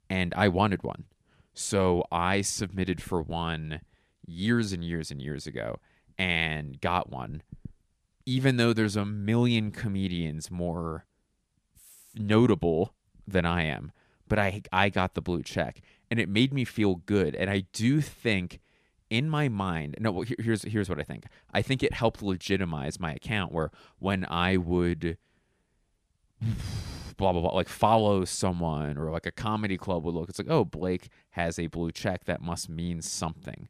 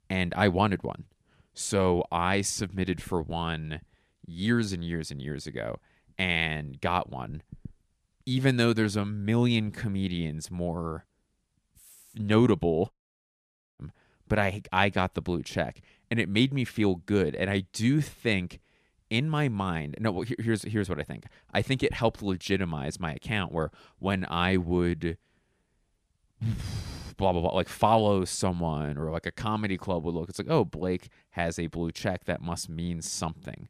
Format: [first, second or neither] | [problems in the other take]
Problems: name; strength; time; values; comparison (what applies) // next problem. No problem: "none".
first | audio cutting out; at 13 s for 1 s